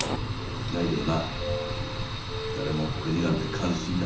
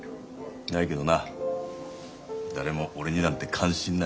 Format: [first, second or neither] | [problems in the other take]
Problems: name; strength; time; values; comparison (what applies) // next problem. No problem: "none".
second | background sound (Fire); 3 dB below the speech // room echo; dies away in 0.6 s